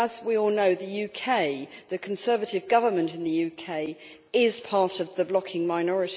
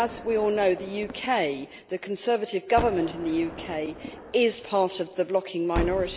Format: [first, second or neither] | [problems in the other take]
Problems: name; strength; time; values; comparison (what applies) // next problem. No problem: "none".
first | background sound (Gunshot, gunfire); 12 dB below the speech